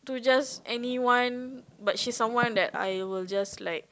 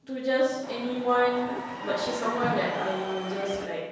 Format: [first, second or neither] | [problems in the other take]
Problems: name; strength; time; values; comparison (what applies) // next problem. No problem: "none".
first | background sound (Crowd / Cheering); 8 dB below the speech // room echo; dies away in 1.2 s